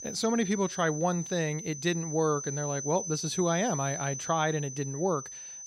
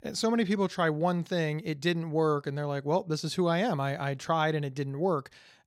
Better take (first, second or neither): second